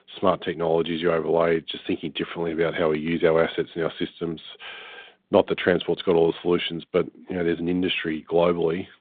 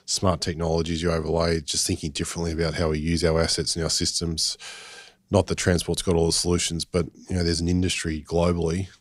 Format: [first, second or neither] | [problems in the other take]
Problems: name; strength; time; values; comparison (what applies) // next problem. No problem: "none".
second | phone-call audio